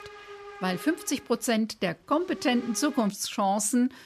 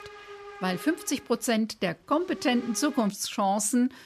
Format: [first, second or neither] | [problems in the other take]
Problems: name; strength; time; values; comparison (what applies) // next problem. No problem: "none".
neither | hiss; noticeable; until 3 s; 15 dB below the speech; the same in both